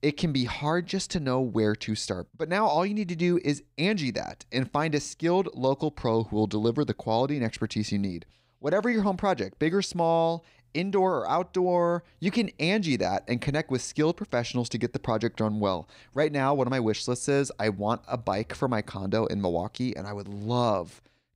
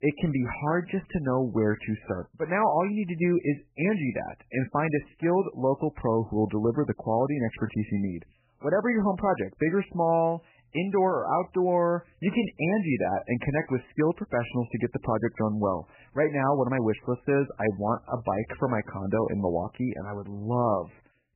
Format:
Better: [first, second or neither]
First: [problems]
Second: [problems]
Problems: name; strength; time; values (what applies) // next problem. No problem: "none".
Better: first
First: none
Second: garbled, watery; badly; nothing above 3 kHz